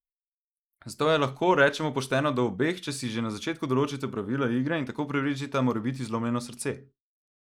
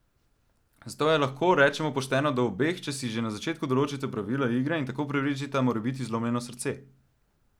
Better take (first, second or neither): second